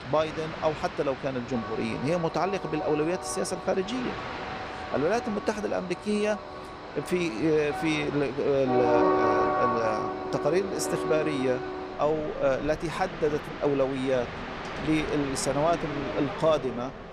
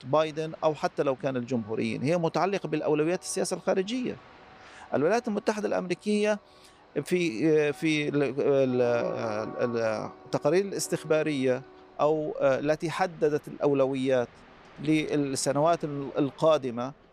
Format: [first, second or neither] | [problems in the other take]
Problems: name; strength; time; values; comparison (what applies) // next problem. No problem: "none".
second | train or aircraft noise; loud; throughout; 4 dB below the speech; faint in the second